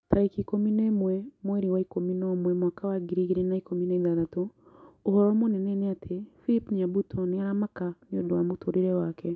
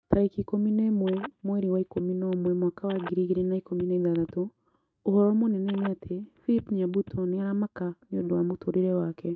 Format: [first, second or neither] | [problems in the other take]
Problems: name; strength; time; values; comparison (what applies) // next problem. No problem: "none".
first | noise reduction (neural mask model RNNoise)